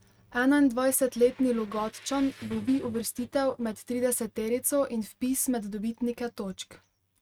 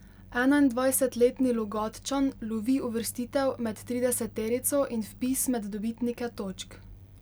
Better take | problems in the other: second | noise reduction (neural mask model RNNoise)

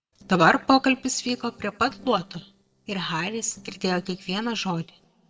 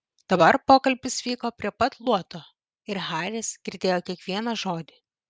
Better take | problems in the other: second | noise reduction (neural separator model SepFormer DNS4)

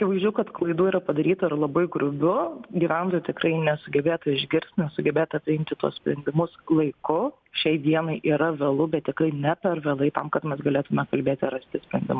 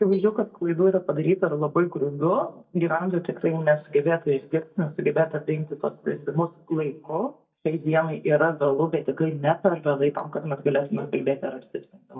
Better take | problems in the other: first | noise reduction (neural mask model DeepFilterNet 3)

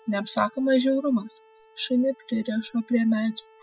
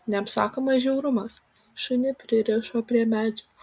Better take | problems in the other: second | noise reduction (classical method spectral subtraction)

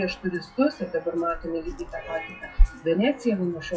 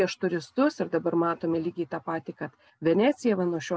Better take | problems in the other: second | noise reduction (classical method WPE with log-MMSE)

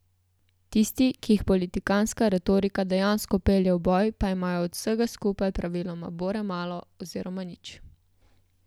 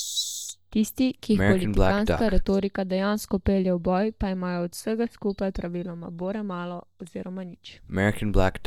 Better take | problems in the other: first | noise reduction (neural mask model DeepFilterNet 3)

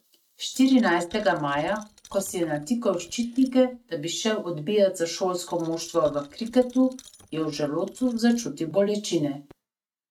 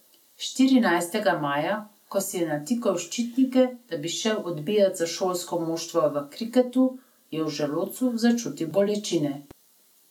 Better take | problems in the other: second | noise reduction (neural mask model RNNoise)

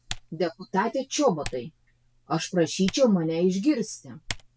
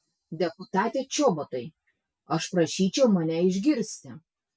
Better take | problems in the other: second | background sound (Typing); 16 dB below the speech

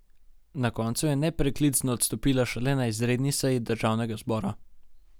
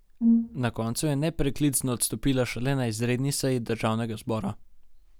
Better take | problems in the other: first | background sound (Brass instrument); 3 dB above the speech

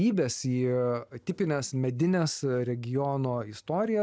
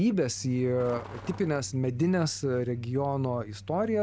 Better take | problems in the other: first | background sound (Truck); 17 dB below the speech

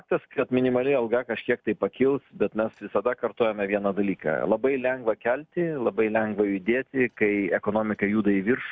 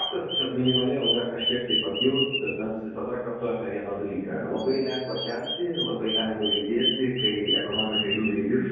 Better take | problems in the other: first | background sound (Bird vocalization, bird call, bird song); 4 dB below the speech // room echo; dies away in 1.3 s

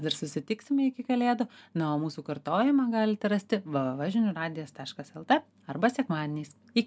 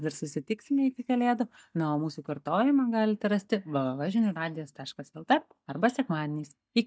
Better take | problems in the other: first | noise reduction (neural mask model DeepFilterNet 3)

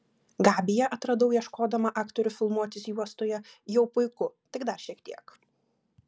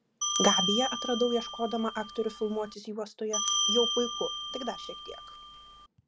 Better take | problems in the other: first | background sound (Bell); 1 dB below the speech

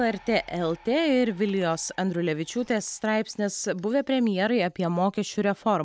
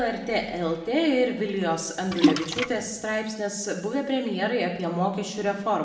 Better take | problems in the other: first | background sound (Splash, splatter); as loud as the speech // room echo; dies away in 0.9 s

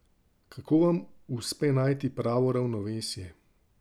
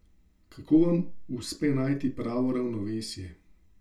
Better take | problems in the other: first | room echo; dies away in 0.2 s

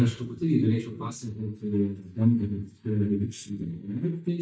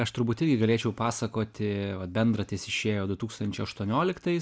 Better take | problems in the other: second | noise reduction (neural mask model DeepFilterNet 3)

